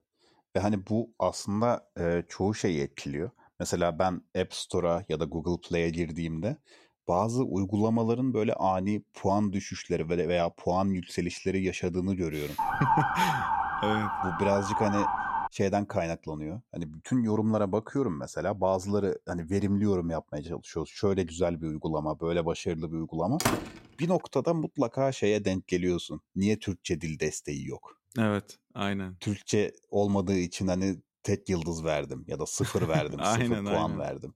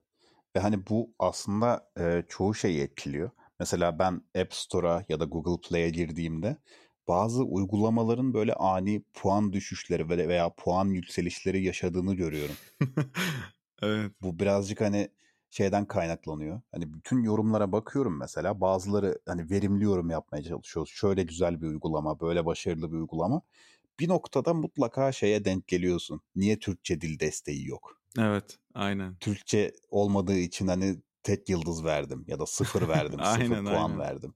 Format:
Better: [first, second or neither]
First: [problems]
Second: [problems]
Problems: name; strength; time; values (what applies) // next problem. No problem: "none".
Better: second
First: siren; loud; from 13 to 15 s; peak 4 dB above the speech // door banging; loud; at 23 s; peak 1 dB above the speech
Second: none